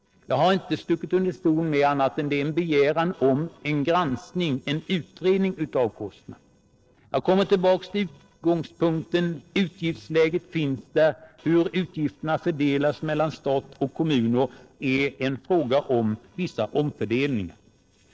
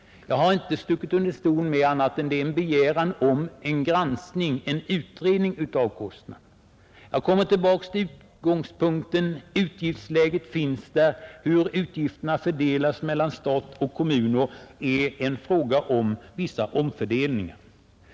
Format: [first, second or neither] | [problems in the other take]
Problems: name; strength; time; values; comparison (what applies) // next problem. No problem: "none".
second | noise reduction (neural separator model SepFormer DNS4)